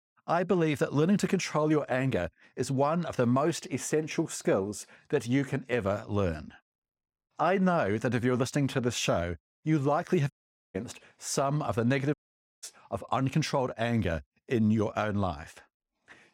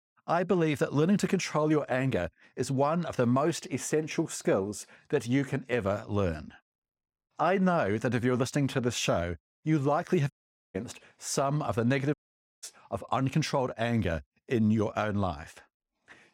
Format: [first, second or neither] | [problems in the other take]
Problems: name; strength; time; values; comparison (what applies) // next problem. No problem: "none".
neither | audio cutting out; at 10 s and at 12 s; the same in both